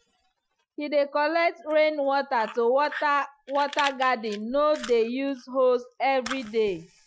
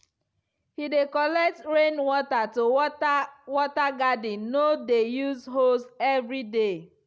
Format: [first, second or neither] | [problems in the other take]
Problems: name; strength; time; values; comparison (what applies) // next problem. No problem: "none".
second | noise reduction (classical method Wiener filter)